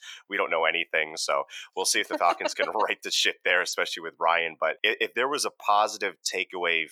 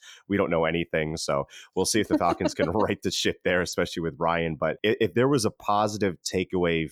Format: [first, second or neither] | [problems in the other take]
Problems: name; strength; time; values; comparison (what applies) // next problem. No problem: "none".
second | thin; very; fading below 750 Hz